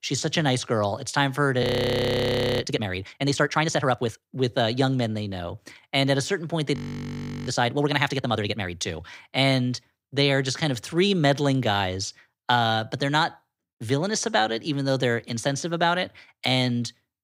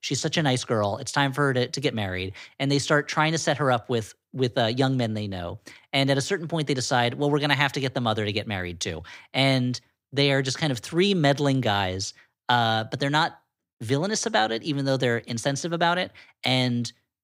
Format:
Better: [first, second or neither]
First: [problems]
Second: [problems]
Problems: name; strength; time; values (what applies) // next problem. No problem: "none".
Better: second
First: audio freezing; at 1.5 s for 1 s and at 7 s for 0.5 s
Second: none